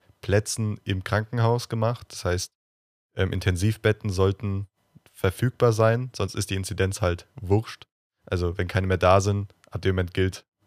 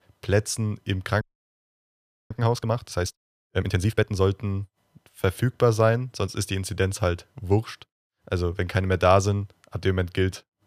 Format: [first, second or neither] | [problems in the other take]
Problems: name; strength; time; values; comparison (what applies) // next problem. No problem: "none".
first | audio freezing; at 1 s for 1 s